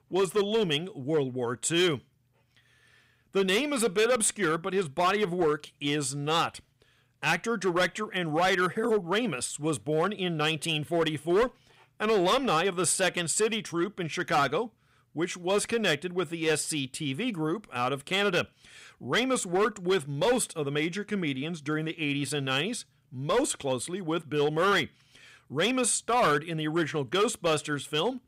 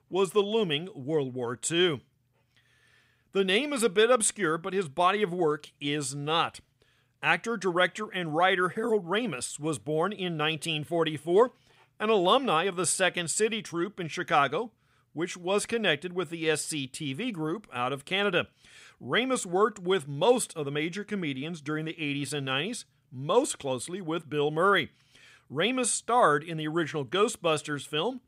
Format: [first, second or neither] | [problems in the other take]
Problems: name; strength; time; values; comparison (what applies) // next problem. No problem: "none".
second | distortion; slight; 6% of the sound clipped